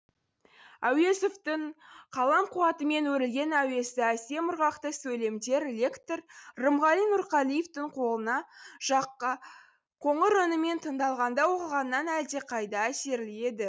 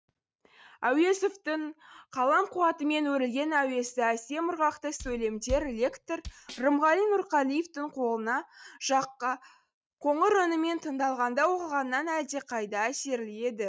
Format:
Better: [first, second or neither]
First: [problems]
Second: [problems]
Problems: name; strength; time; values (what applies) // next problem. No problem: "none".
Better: first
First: none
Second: noise reduction (neural mask model RNNoise)